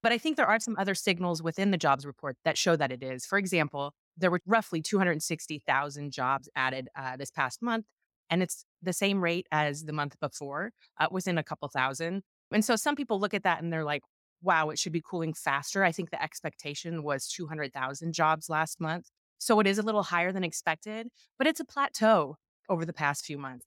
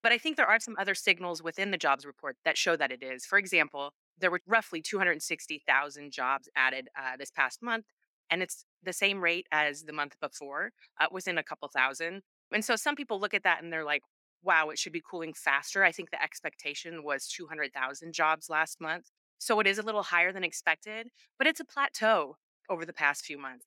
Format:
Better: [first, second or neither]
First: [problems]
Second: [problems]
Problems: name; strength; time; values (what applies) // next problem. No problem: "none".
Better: first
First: none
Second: thin; somewhat; fading below 250 Hz